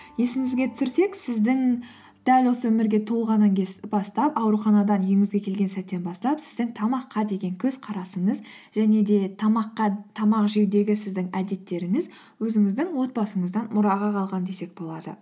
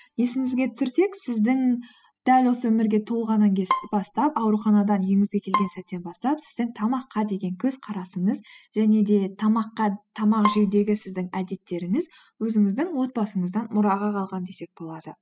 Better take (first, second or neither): first